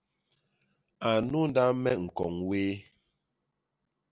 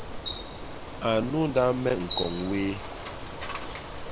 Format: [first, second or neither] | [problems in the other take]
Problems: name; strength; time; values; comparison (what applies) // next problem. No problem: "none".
first | background sound (Bicycle); 6 dB below the speech